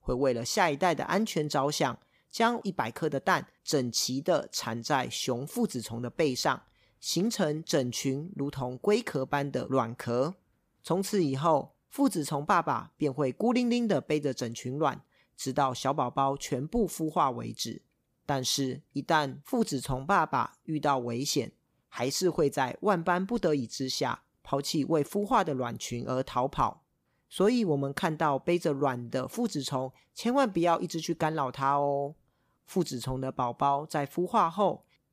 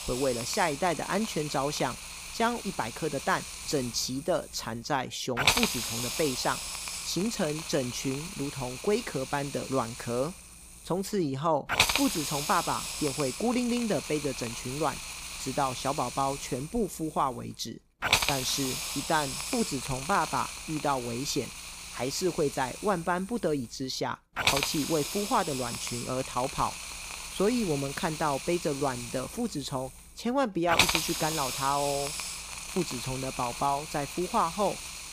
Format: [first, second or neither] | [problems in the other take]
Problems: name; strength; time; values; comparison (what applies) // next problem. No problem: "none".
first | hiss; loud; throughout; 2 dB below the speech